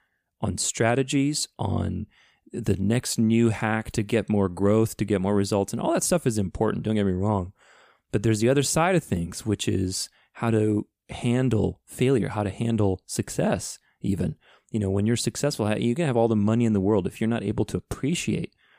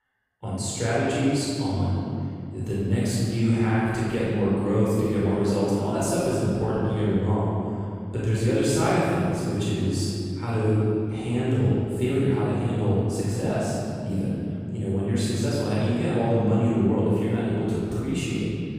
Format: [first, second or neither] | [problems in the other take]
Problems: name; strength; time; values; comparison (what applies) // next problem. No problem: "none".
first | off-mic speech; far // room echo; strong; dies away in 2.6 s